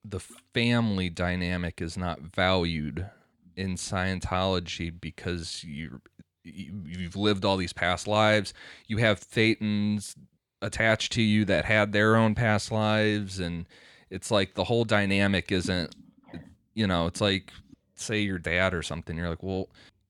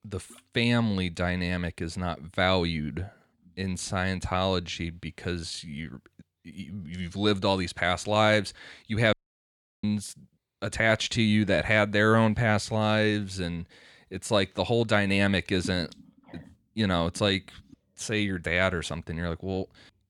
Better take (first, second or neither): first